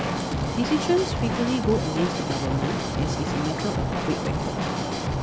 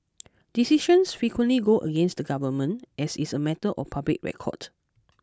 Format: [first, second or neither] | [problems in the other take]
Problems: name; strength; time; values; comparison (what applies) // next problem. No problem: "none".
second | background sound (Drum / Drum kit + Stream); 2 dB above the speech